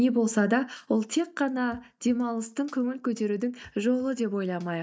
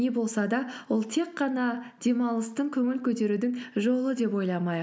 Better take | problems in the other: second | noise reduction (neural mask model DeepFilterNet 3)

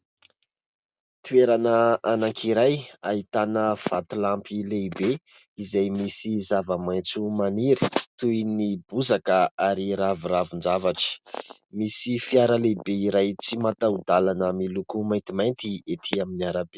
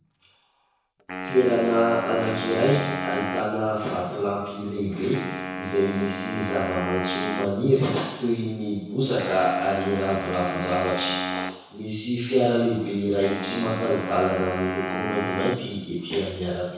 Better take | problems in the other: first | background sound (Wind instrument, woodwind instrument); 8 dB below the speech // room echo; dies away in 1 s

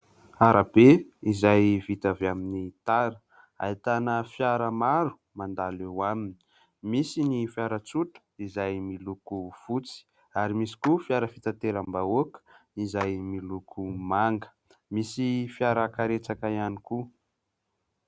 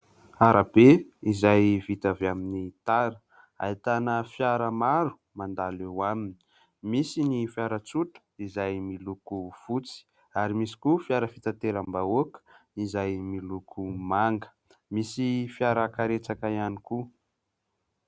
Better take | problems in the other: second | background sound (Clapping); 17 dB below the speech

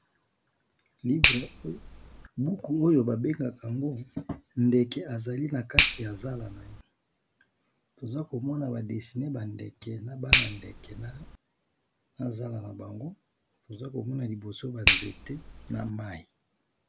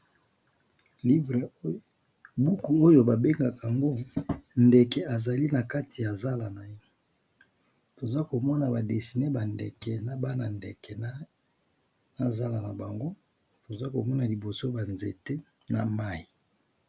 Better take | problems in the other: second | background sound (Finger snapping); 2 dB below the speech

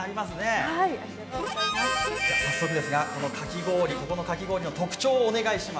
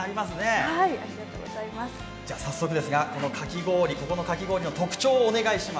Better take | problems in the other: second | background sound (Harmonica); 2 dB below the speech

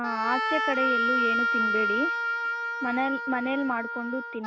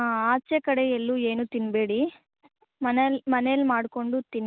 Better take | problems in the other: second | background sound (Wind instrument, woodwind instrument); 2 dB above the speech

